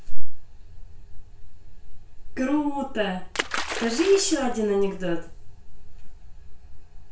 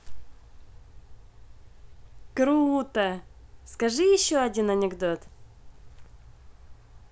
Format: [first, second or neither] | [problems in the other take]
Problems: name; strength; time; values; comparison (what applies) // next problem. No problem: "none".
second | background sound (Splash, splatter); 14 dB below the speech // room echo; dies away in 0.4 s